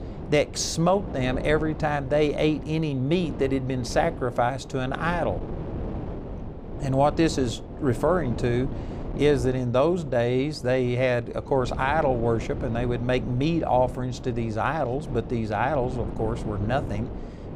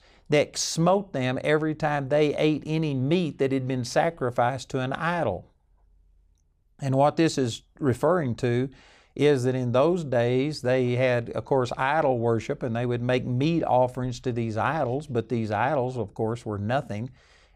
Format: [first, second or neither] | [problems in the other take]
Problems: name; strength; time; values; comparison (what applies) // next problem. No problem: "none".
second | wind noise on the microphone; occasional gusts; 15 dB below the speech